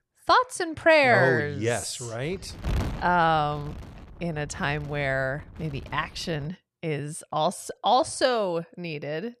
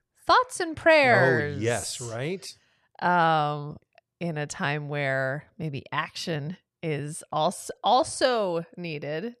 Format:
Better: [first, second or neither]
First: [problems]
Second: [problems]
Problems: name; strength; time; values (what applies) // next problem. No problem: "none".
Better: second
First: wind noise on the microphone; occasional gusts; from 2 to 6.5 s; 20 dB below the speech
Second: none